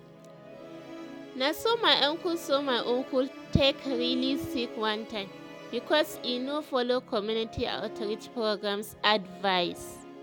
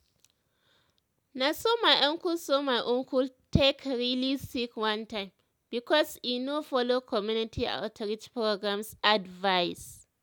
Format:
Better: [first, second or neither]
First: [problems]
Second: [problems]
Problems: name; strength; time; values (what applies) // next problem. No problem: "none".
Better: second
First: background sound (Musical instrument); 12 dB below the speech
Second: none